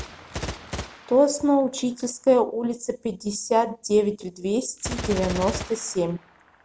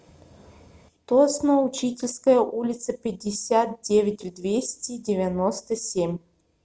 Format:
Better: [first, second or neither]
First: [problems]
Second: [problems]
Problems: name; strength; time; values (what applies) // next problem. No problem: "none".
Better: second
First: background sound (Gunshot, gunfire); 13 dB below the speech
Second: none